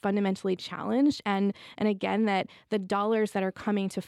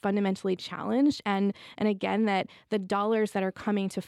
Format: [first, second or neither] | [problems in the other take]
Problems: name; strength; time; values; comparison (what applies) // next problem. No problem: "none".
neither | none